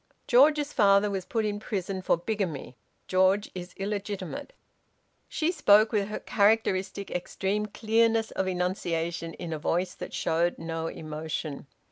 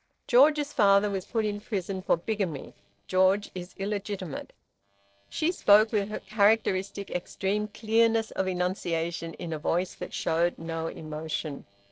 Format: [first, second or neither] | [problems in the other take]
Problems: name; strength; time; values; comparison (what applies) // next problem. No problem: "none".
first | noise reduction (neural separator model SepFormer DNS4)